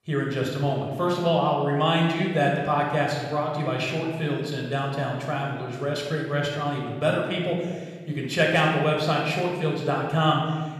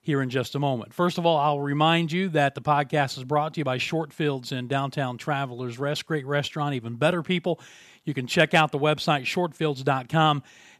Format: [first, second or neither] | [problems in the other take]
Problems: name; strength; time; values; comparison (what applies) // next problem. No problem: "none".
second | room echo; noticeable; dies away in 1.3 s // off-mic speech; somewhat distant